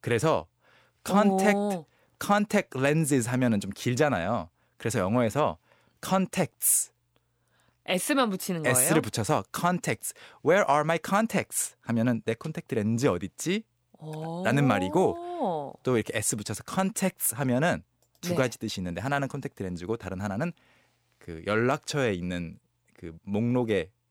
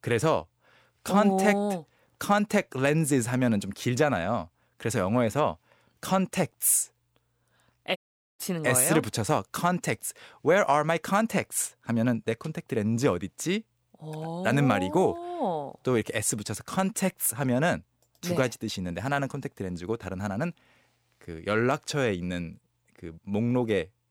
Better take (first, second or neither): first